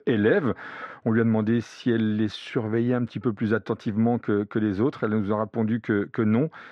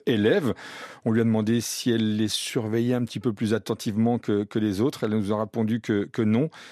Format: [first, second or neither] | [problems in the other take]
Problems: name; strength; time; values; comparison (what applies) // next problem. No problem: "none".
second | muffled; very; fading above 2.5 kHz